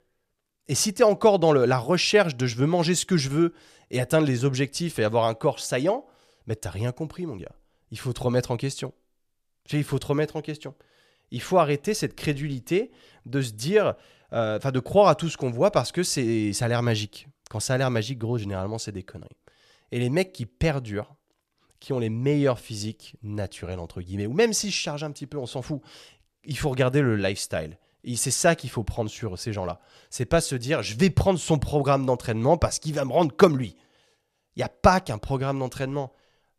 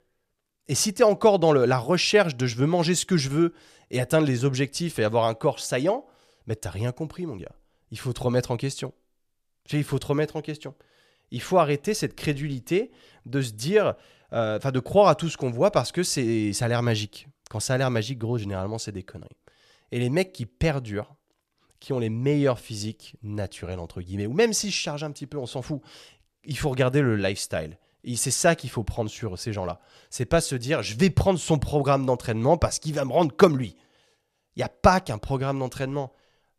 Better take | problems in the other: neither | none

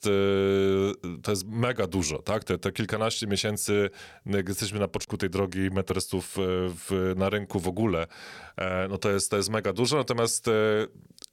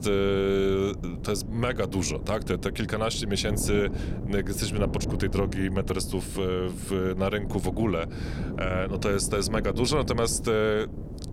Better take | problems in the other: first | wind noise on the microphone; occasional gusts; 15 dB below the speech

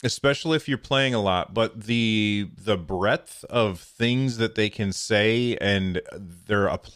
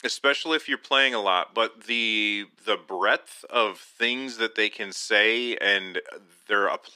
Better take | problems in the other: first | thin; somewhat; fading below 300 Hz

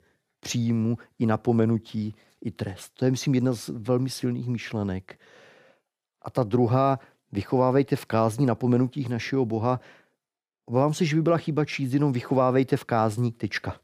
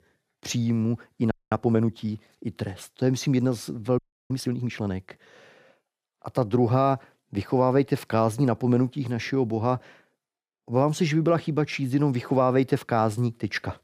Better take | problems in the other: first | audio freezing; at 1.5 s and at 4 s

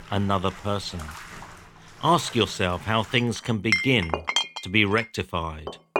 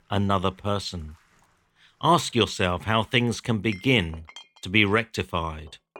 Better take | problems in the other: second | household noises; loud; throughout; 5 dB below the speech; faint in the second

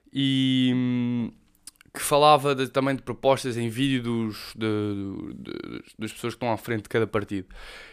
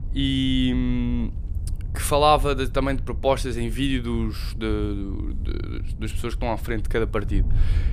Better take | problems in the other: first | wind noise on the microphone; occasional gusts; 20 dB below the speech

